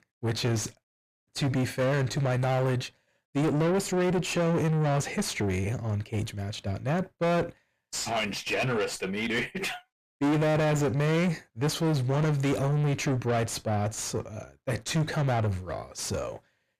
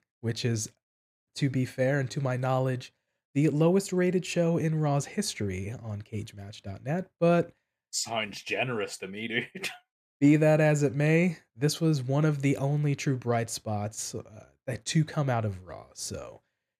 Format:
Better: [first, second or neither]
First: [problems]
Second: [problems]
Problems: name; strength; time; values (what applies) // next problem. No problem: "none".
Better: second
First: distortion; heavy; 6 dB below the speech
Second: none